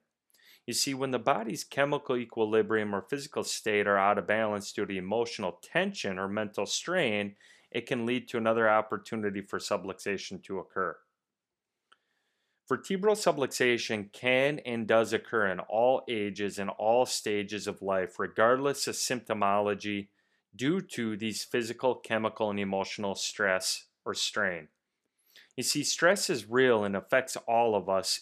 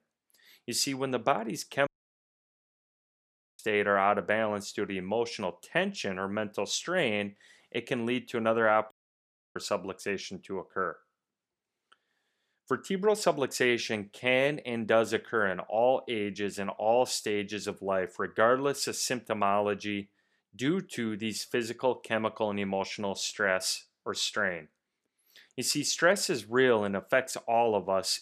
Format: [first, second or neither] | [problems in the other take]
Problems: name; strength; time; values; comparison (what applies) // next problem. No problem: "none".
first | audio cutting out; at 2 s for 1.5 s and at 9 s for 0.5 s